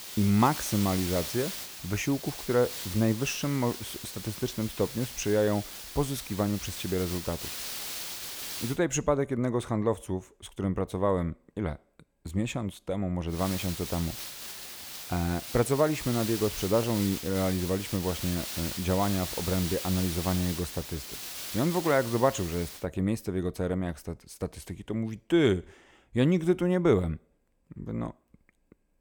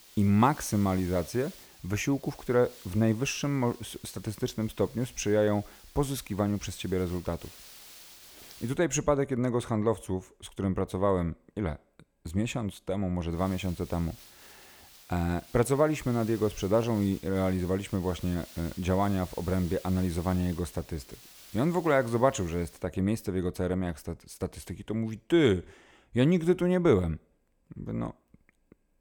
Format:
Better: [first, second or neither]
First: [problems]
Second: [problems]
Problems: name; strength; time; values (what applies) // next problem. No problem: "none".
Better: second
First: hiss; loud; until 8.5 s and from 13 to 23 s; 7 dB below the speech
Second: hiss; faint; until 8.5 s and from 13 to 23 s; 20 dB below the speech